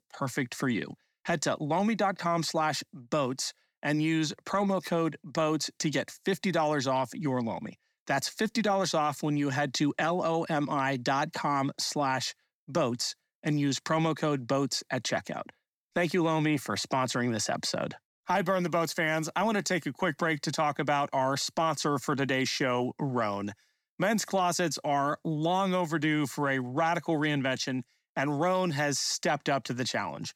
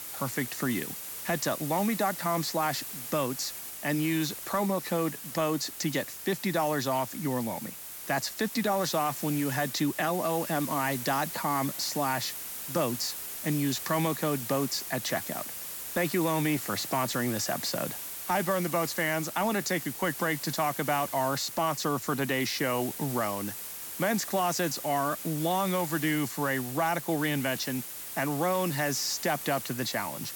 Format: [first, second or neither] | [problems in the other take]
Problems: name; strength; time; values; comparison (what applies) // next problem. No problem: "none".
first | hiss; loud; throughout; 6 dB below the speech